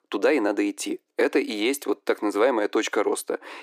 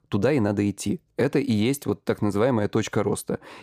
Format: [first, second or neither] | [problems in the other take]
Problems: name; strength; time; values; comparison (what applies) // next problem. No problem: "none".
second | thin; somewhat; fading below 300 Hz